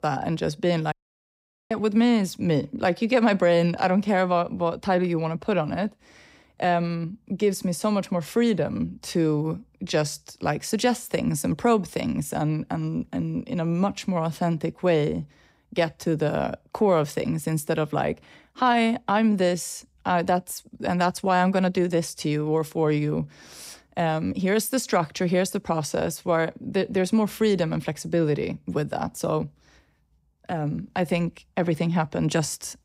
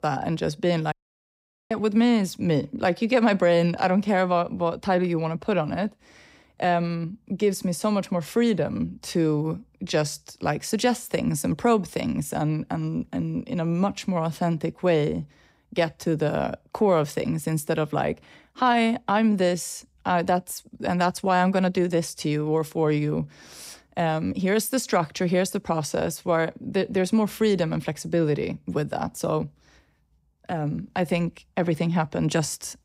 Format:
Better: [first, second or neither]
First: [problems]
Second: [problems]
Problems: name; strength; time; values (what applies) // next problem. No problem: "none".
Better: neither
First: audio cutting out; at 1 s for 1 s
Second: audio cutting out; at 1 s for 1 s